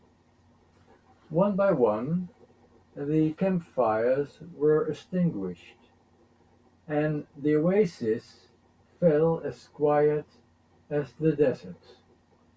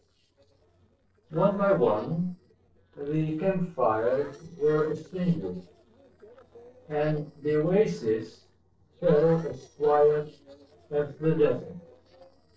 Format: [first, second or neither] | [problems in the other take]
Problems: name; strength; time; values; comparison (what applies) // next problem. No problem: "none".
first | noise reduction (neural separator model SepFormer DNS4)